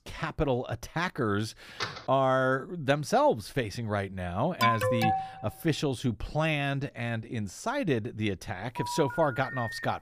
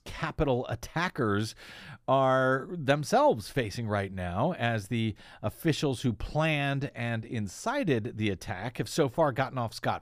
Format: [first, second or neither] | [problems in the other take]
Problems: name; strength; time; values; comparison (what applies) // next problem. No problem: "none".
second | door banging; noticeable; at 2 s; peak 6 dB below the speech // alarm; loud; at 4.5 s; peak 4 dB above the speech // phone ringing; noticeable; from 9 s on; peak 6 dB below the speech